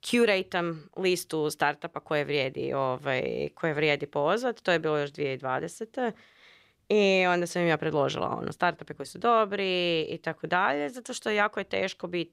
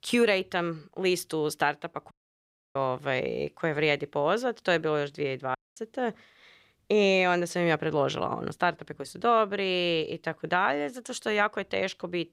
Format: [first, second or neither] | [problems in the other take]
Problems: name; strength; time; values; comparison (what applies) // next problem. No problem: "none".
first | audio cutting out; at 2 s for 0.5 s and at 5.5 s